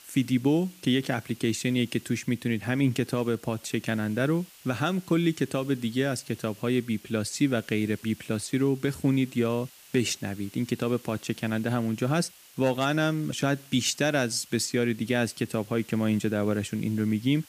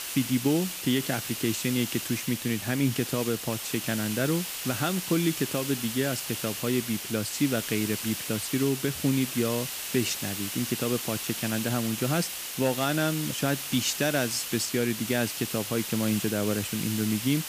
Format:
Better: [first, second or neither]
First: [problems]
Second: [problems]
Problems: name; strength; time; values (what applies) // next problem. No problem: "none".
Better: first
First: hiss; faint; throughout; 20 dB below the speech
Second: hiss; loud; throughout; 4 dB below the speech